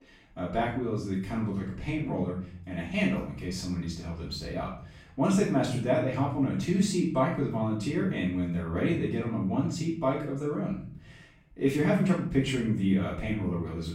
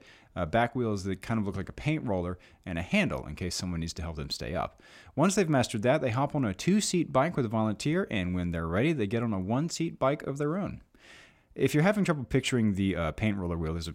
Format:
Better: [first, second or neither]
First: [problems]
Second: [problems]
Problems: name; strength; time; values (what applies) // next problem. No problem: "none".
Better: second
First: off-mic speech; far // room echo; noticeable; dies away in 0.7 s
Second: none